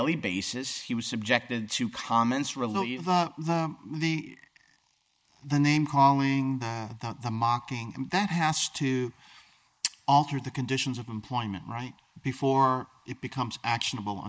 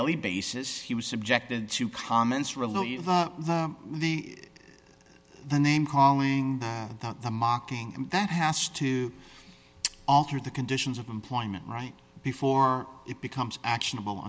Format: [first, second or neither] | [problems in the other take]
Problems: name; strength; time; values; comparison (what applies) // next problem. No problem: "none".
second | noise reduction (neural mask model Resemble Enhance denoiser)